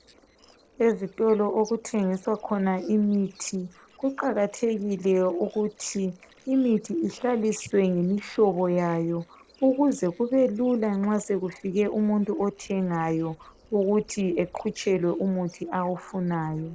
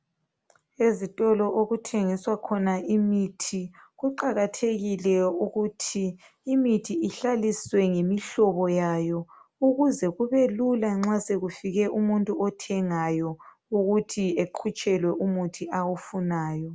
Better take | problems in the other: second | noise reduction (neural separator model SepFormer DNS4)

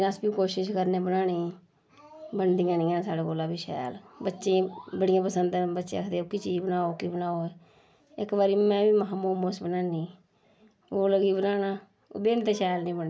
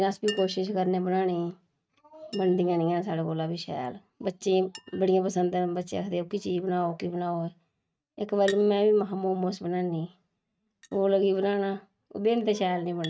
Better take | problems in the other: first | noise reduction (neural mask model RNNoise)

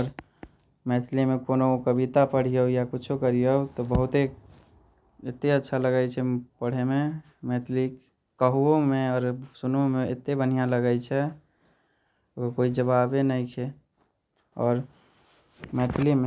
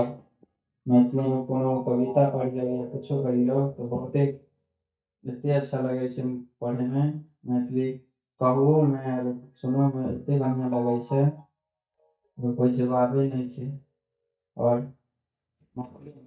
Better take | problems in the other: first | noise reduction (neural mask model DeepFilterNet 3)

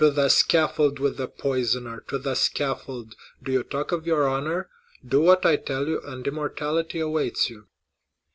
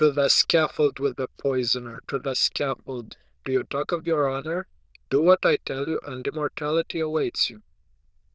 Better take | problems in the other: first | noise reduction (neural diffusion model UNIVERSE++)

